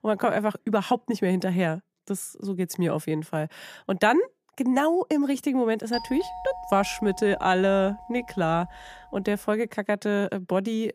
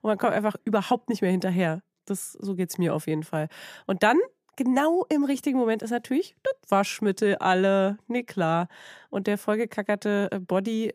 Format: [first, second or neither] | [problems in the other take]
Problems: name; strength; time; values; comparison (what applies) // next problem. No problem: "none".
second | doorbell; noticeable; from 6 to 9 s; peak 9 dB below the speech